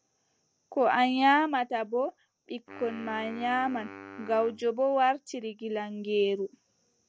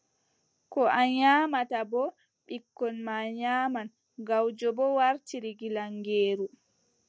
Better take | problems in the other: second | background sound (Wind instrument, woodwind instrument); 17 dB below the speech

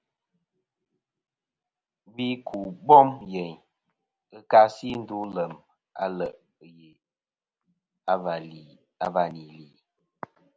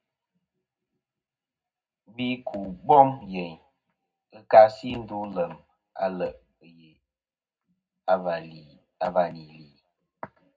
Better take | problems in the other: first | room echo; dies away in 0.3 s

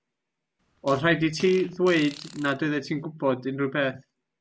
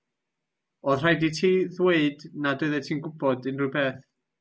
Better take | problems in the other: second | background sound (Fart); 19 dB below the speech

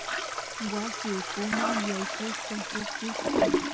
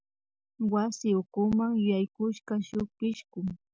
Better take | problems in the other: second | background sound (Toilet flush); 5 dB above the speech

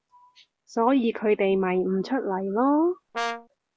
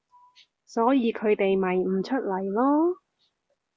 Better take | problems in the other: second | background sound (Brass instrument); 5 dB below the speech

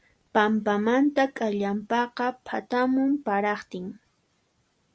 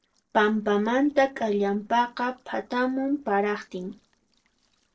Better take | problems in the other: first | noise reduction (neural separator model SepFormer DNS4)

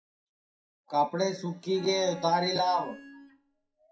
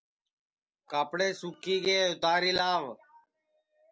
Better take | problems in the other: second | noise reduction (classical method WPE with log-MMSE)

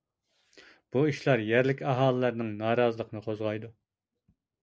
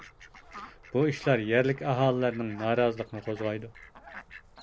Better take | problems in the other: first | background sound (Fowl); 19 dB below the speech

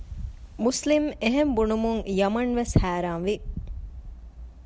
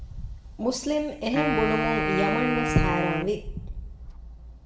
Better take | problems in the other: first | background sound (Wind instrument, woodwind instrument); 1 dB below the speech // room echo; dies away in 0.5 s

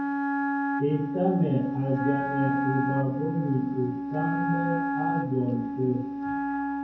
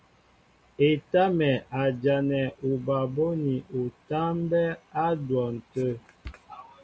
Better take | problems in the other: second | background sound (Wind instrument, woodwind instrument); as loud as the speech // room echo; dies away in 0.9 s

